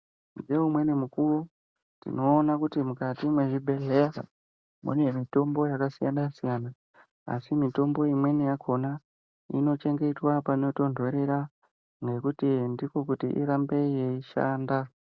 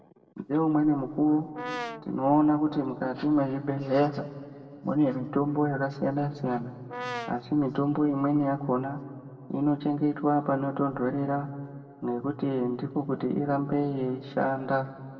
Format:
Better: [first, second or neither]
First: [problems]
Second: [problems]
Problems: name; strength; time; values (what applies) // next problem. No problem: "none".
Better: first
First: none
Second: background sound (Brass instrument); 10 dB below the speech // room echo; dies away in 1.6 s